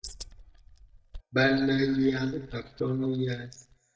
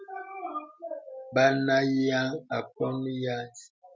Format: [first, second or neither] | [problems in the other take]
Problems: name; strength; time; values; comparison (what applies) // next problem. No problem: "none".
second | noise reduction (neural mask model DeepFilterNet 3)